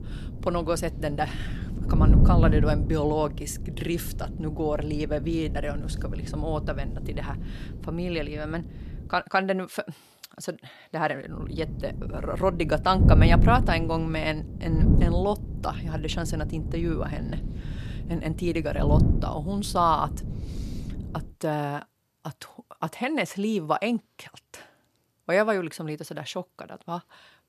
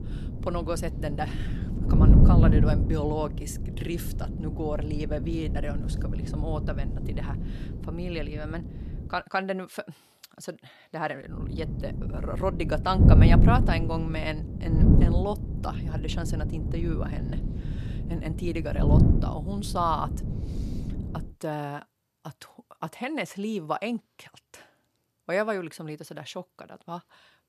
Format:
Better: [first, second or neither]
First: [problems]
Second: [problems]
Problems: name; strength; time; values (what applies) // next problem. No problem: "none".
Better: first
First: wind noise on the microphone; occasional gusts; until 9 s and from 11 to 21 s; 10 dB below the speech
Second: wind noise on the microphone; heavy; until 9 s and from 11 to 21 s; 4 dB below the speech